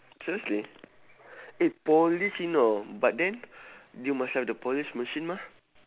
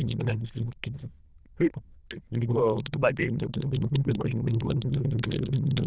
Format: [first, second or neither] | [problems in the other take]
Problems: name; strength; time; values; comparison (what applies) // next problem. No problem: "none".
first | noise reduction (neural diffusion model UNIVERSE++)